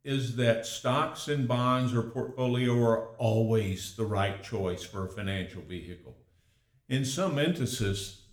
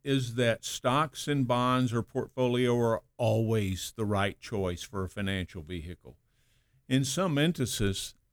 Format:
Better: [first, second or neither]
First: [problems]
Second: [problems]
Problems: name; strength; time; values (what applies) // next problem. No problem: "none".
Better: second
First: room echo; very slight; dies away in 0.5 s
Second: none